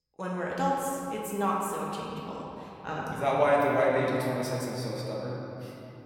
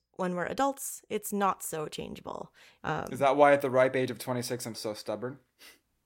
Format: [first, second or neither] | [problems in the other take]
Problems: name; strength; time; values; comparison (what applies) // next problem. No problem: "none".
second | room echo; noticeable; dies away in 3 s // off-mic speech; far